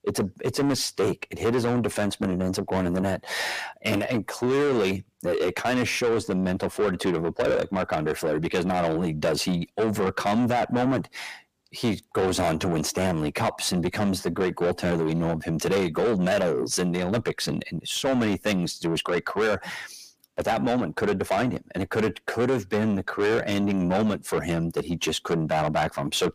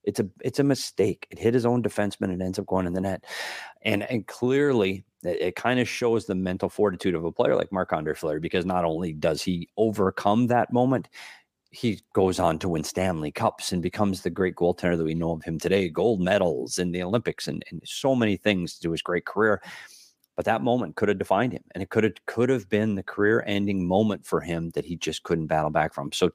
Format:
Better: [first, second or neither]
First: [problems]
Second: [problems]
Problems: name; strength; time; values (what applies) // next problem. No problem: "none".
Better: second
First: distortion; heavy; 7 dB below the speech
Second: none